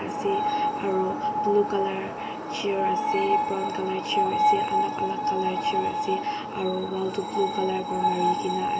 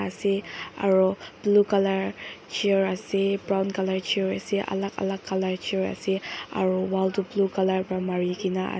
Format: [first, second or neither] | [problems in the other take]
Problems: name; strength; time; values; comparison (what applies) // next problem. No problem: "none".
second | background sound (Screech); 3 dB above the speech // room echo; dies away in 0.4 s